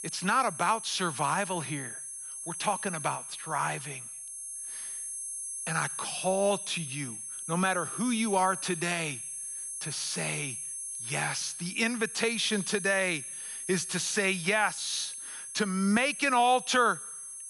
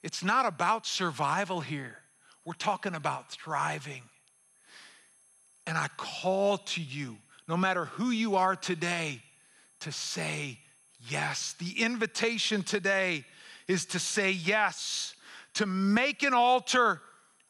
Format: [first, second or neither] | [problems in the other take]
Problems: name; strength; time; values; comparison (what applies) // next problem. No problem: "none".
second | high-pitched whine; loud; throughout; 10.5 kHz, 7 dB below the speech; faint in the second